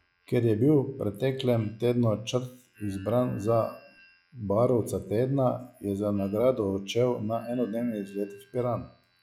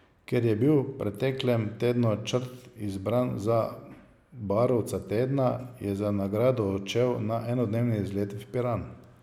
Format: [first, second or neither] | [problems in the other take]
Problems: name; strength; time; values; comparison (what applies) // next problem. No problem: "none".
second | noise reduction (classical method log-MMSE)